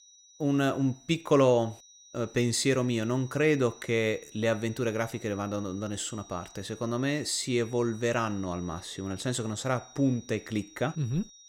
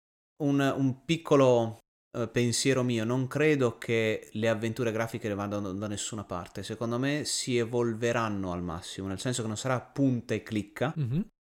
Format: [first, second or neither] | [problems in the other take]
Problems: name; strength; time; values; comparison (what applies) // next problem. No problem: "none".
second | high-pitched whine; faint; throughout; 6 kHz, 20 dB below the speech